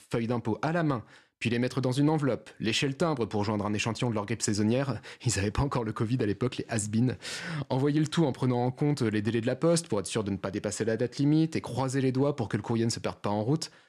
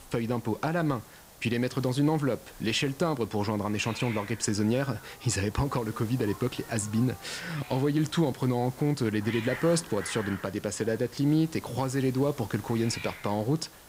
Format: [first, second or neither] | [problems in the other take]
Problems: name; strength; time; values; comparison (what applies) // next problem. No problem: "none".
first | hiss; noticeable; throughout; 15 dB below the speech